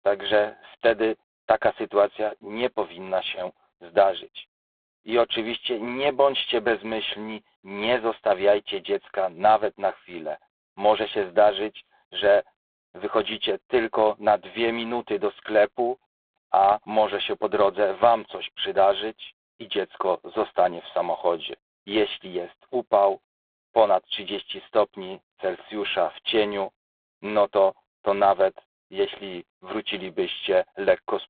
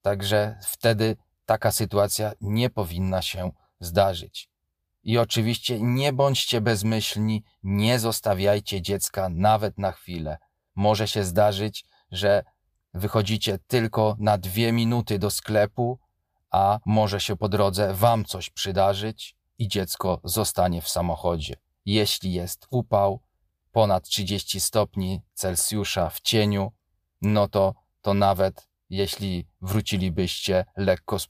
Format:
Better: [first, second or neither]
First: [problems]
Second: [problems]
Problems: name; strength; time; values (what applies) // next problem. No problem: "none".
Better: second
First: phone-call audio; poor line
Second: none